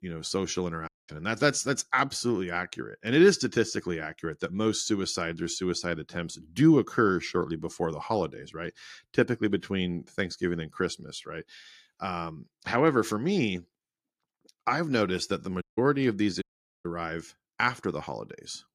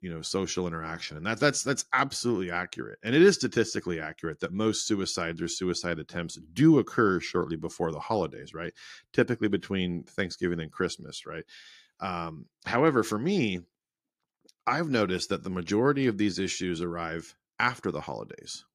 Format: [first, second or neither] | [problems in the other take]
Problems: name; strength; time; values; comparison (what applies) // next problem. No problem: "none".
second | audio cutting out; at 1 s and at 16 s